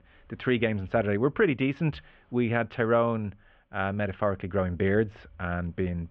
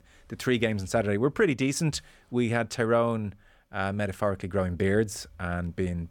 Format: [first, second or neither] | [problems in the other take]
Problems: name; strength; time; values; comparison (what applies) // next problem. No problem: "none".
second | muffled; very; fading above 3 kHz